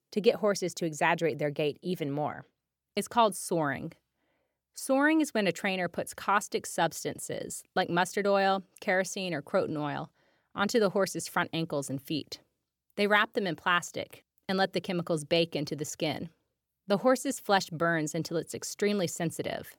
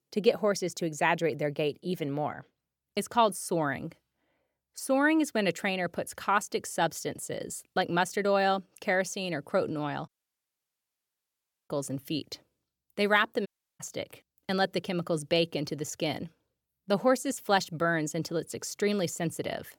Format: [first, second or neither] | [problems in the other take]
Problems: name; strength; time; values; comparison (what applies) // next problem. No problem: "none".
first | audio cutting out; at 10 s for 1.5 s and at 13 s